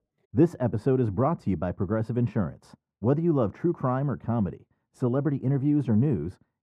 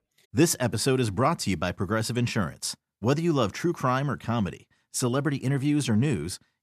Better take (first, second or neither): second